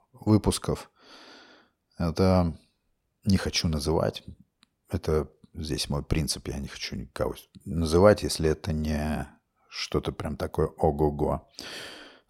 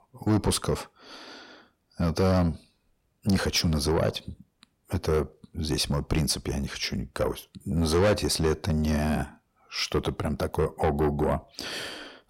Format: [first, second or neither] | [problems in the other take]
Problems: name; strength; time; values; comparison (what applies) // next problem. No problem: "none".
first | distortion; heavy; 7 dB below the speech